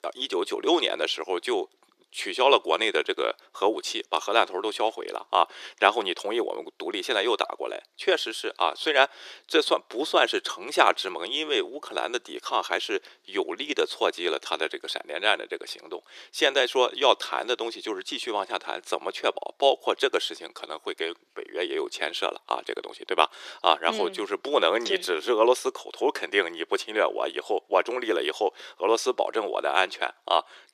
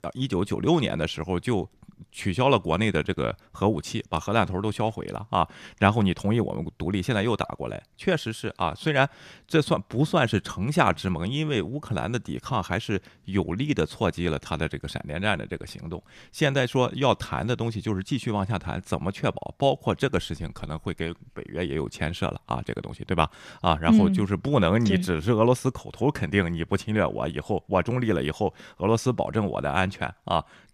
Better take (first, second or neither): second